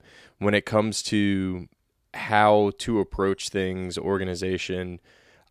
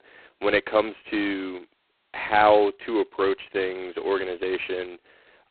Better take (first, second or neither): first